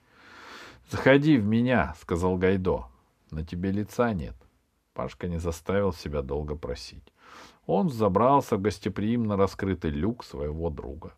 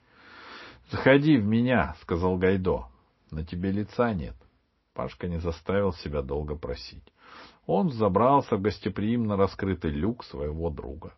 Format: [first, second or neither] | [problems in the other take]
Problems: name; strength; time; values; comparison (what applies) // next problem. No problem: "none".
first | garbled, watery; slightly; nothing above 5.5 kHz